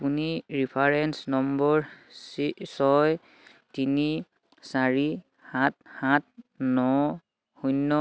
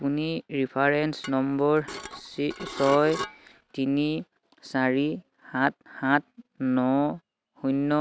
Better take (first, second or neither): first